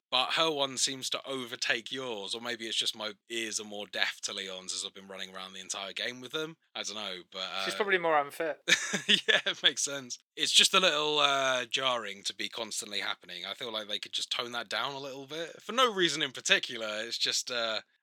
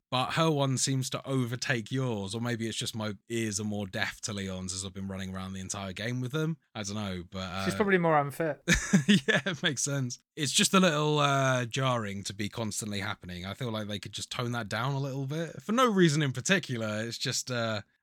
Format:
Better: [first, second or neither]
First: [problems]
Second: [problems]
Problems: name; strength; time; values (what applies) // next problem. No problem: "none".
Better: second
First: thin; somewhat; fading below 450 Hz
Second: none